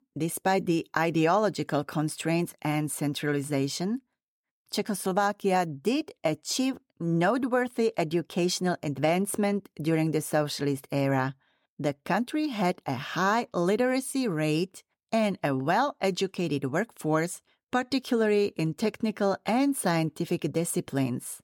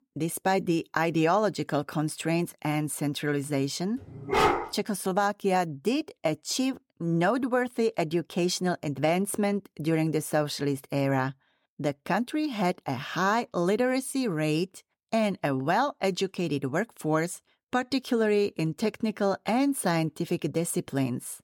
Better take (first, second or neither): first